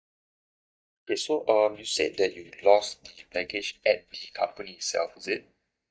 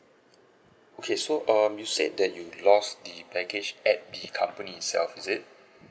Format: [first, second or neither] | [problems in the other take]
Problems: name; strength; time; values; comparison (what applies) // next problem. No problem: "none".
second | noise reduction (neural mask model DeepFilterNet 3)